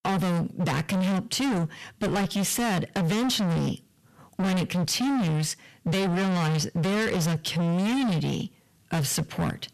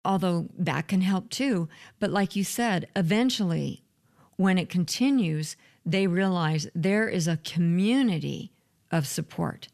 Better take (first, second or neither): second